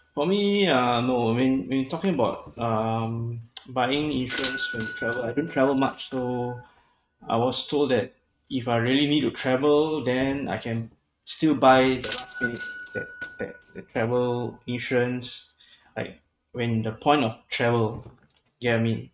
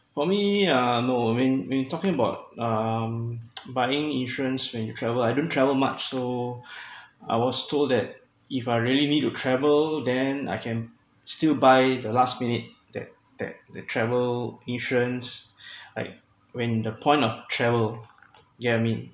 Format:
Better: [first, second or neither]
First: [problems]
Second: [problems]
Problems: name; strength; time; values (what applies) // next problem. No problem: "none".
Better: second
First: noise reduction (neural mask model RNNoise)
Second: none